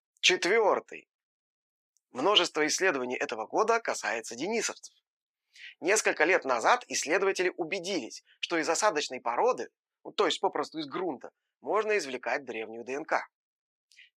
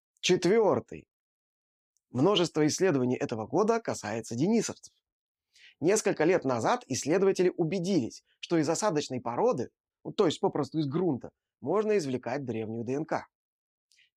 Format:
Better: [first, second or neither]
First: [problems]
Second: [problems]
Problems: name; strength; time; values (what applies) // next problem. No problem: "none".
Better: second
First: thin; somewhat; fading below 500 Hz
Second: none